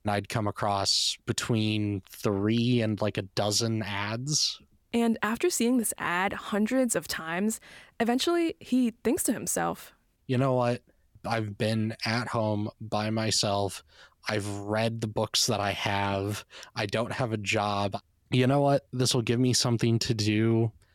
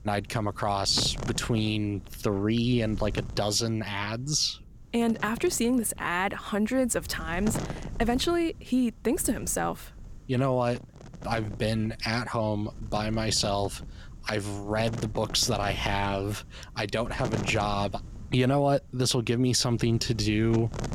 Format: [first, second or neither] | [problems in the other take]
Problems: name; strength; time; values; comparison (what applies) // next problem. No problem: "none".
first | wind noise on the microphone; occasional gusts; 15 dB below the speech